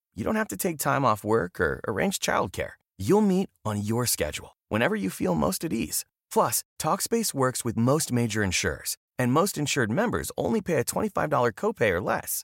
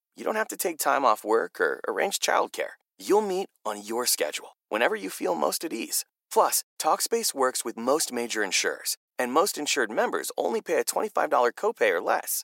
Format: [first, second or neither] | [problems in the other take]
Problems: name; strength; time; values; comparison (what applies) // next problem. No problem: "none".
first | thin; somewhat; fading below 300 Hz